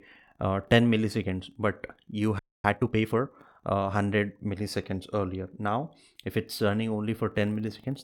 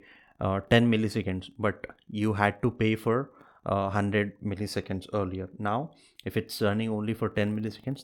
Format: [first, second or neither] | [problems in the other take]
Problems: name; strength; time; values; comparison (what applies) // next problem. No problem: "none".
second | audio freezing; at 2.5 s